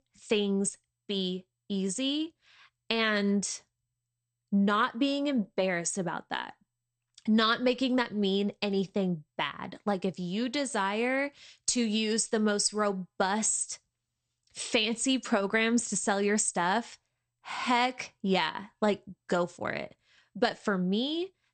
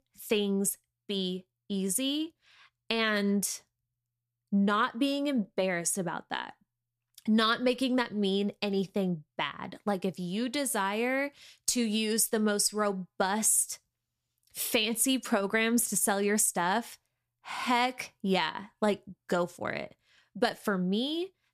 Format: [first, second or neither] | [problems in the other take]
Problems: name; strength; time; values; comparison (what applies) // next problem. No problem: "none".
second | garbled, watery; slightly; nothing above 8.5 kHz